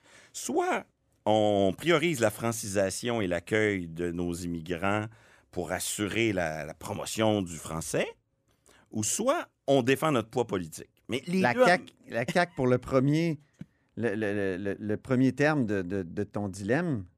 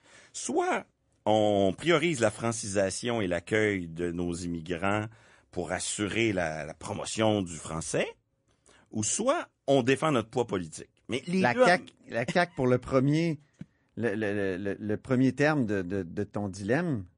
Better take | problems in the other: first | garbled, watery; slightly; nothing above 10.5 kHz

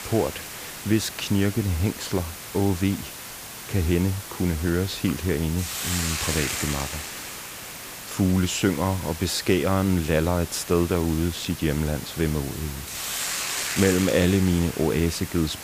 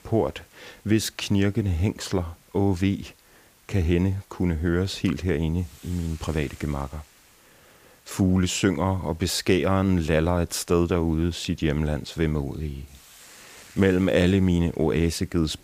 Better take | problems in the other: second | hiss; loud; throughout; 7 dB below the speech; faint in the second

